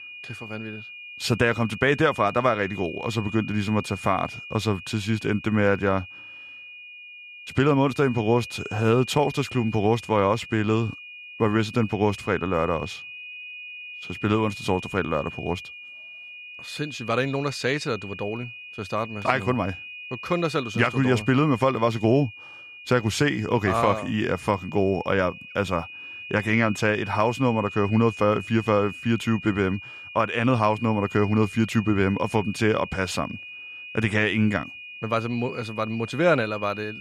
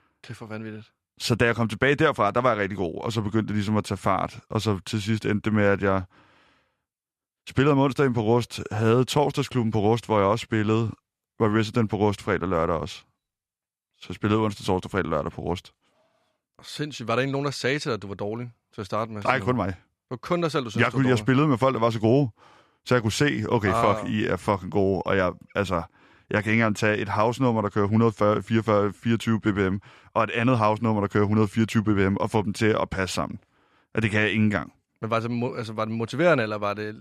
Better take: second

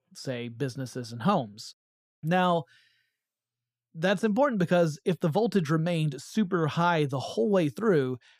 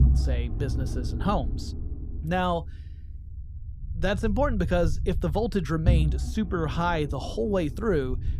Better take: first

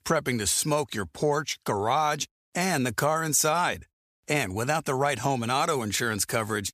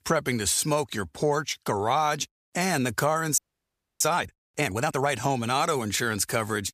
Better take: first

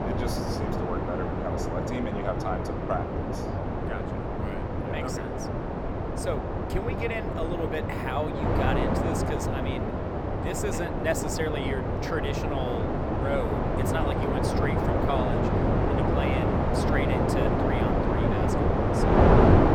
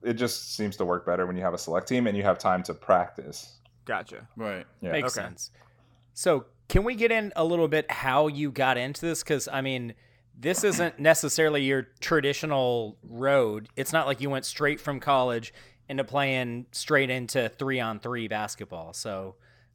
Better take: second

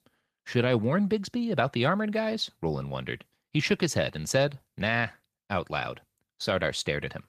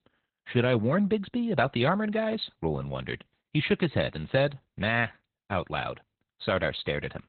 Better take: first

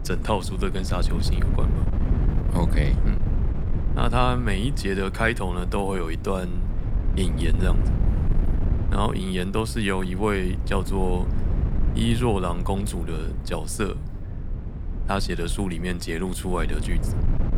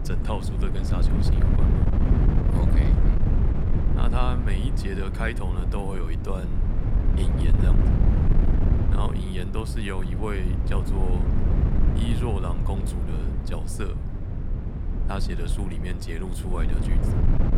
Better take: first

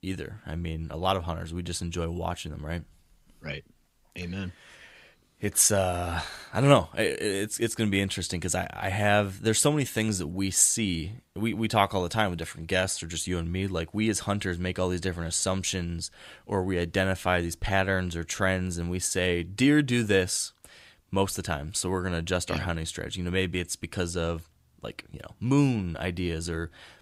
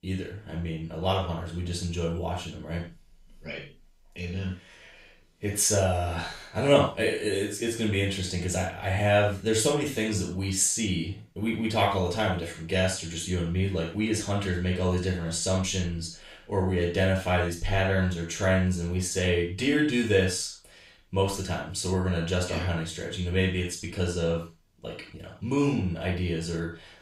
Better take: first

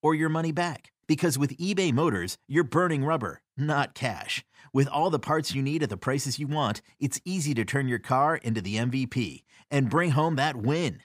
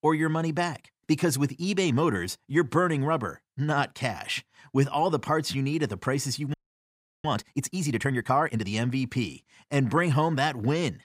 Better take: first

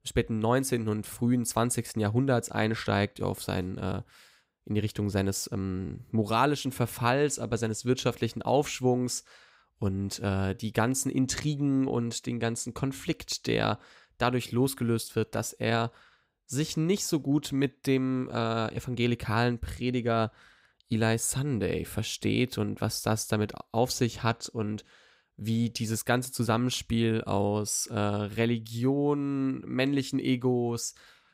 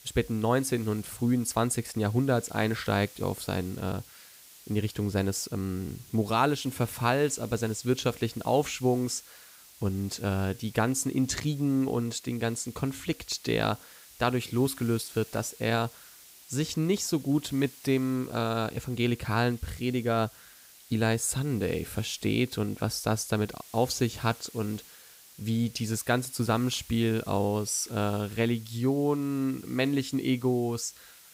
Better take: first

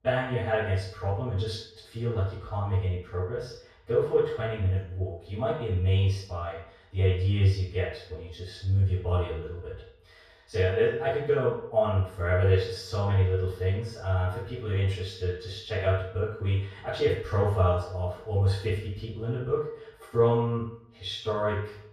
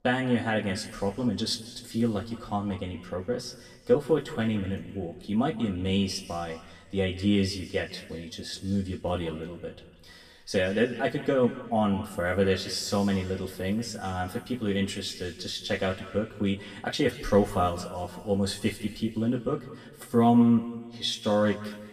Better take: second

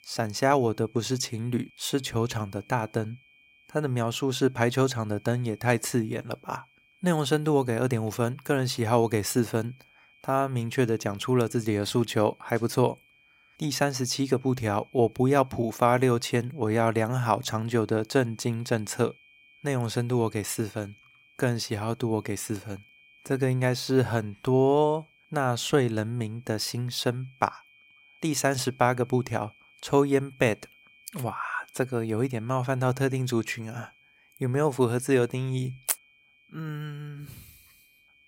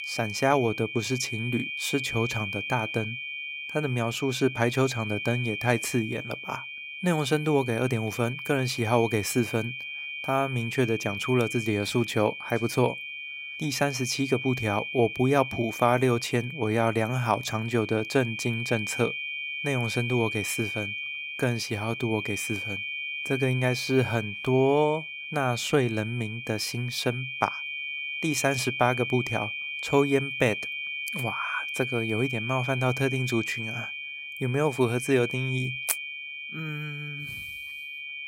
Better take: first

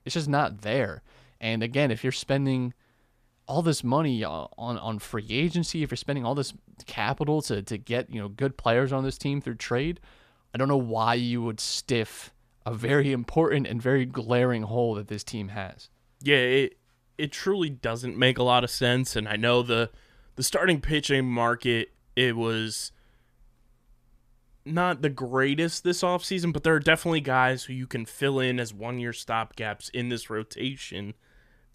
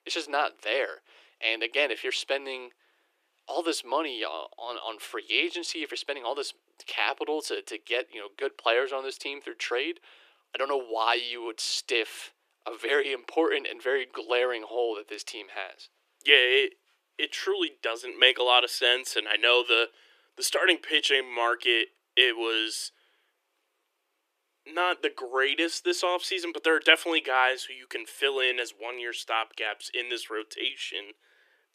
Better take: first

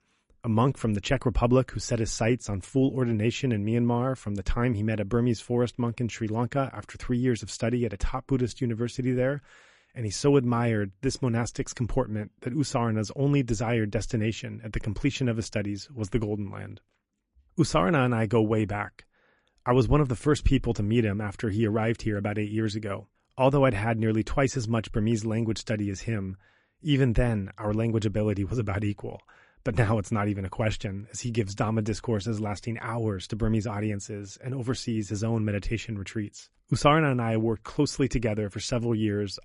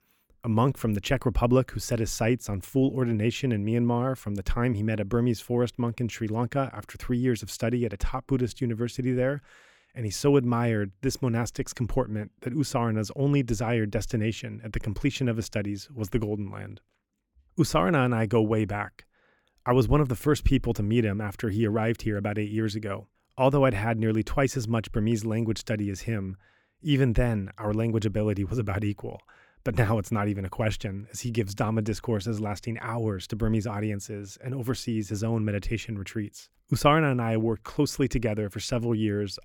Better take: second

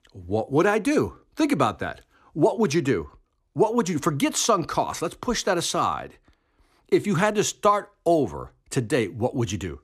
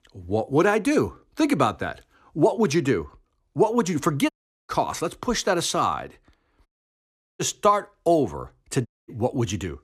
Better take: first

